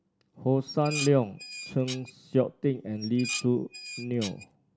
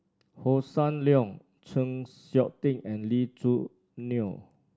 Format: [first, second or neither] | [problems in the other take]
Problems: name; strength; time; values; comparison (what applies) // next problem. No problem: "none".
second | background sound (Dishes, pots, and pans); 11 dB below the speech